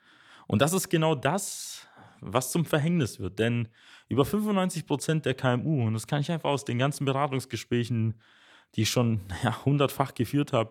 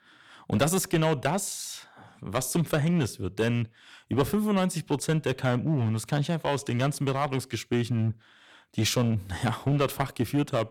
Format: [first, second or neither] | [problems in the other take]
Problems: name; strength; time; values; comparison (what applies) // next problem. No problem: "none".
first | distortion; slight; 4% of the sound clipped